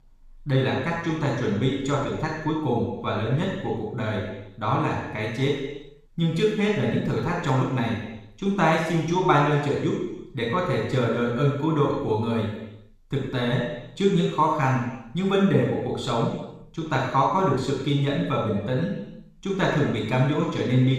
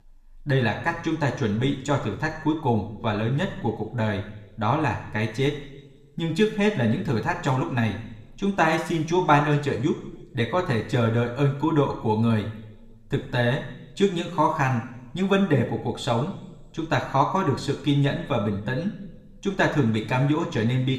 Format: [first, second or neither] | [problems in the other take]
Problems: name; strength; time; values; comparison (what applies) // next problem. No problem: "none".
second | room echo; strong; dies away in 0.9 s; slight in the second // off-mic speech; far; somewhat distant in the second